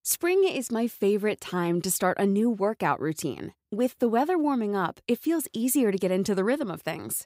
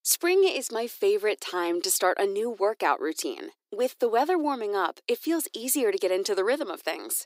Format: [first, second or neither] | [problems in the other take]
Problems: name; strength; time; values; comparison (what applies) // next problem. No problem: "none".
first | thin; somewhat; fading below 300 Hz